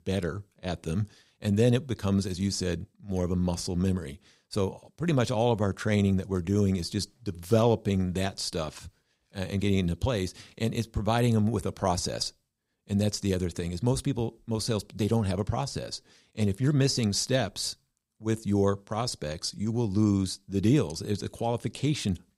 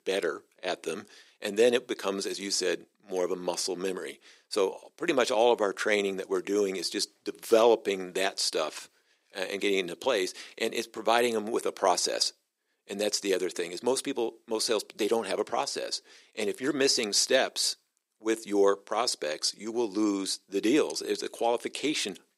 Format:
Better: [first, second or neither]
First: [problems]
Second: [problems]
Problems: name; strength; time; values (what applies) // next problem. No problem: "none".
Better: first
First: none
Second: thin; very; fading below 350 Hz